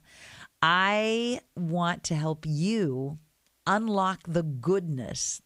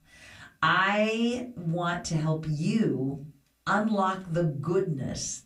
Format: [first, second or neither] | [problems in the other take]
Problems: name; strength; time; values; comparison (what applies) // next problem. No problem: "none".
first | off-mic speech; somewhat distant // room echo; very slight; dies away in 0.3 s